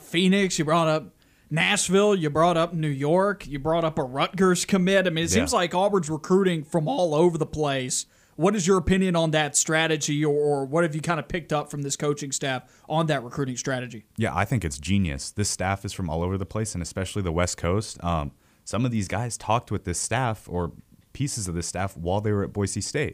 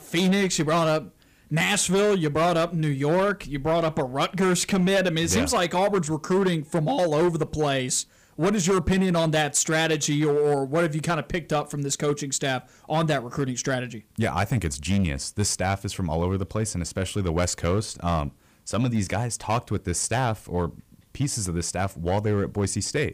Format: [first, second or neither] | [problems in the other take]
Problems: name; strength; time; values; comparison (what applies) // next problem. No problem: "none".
first | distortion; slight; 8% of the sound clipped